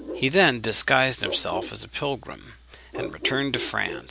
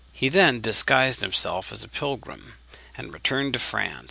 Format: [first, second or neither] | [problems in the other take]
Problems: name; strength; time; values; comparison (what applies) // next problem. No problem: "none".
second | background sound (Bark); 12 dB below the speech